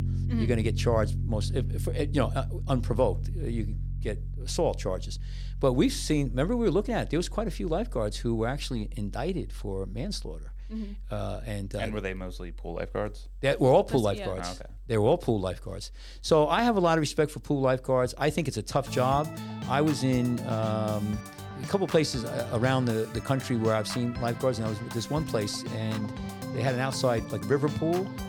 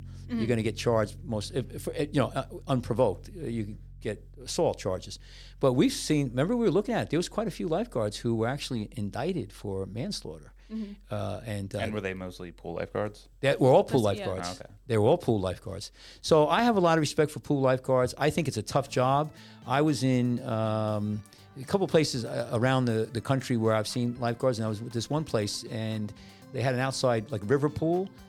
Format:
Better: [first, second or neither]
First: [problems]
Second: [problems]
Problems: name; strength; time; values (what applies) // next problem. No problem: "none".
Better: second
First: background music; loud; throughout; 8 dB below the speech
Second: background music; faint; throughout; 25 dB below the speech